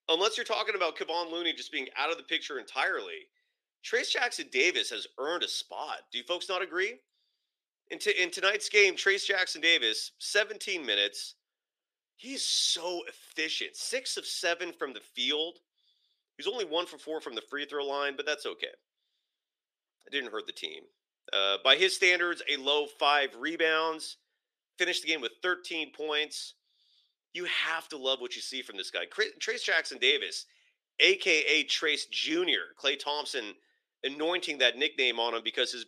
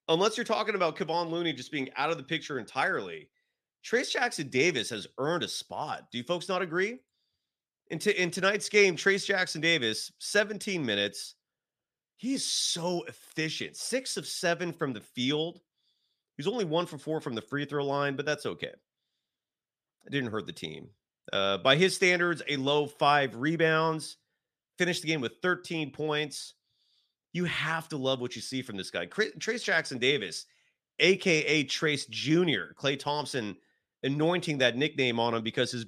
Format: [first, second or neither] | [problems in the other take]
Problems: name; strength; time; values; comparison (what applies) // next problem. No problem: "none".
second | thin; somewhat; fading below 350 Hz